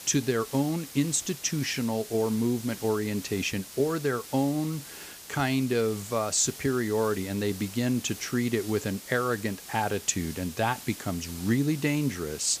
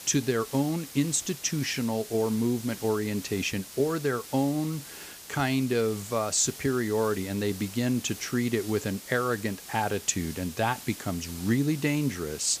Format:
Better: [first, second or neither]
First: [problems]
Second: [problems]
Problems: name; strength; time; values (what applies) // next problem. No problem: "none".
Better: neither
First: hiss; noticeable; throughout; 15 dB below the speech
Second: hiss; noticeable; throughout; 15 dB below the speech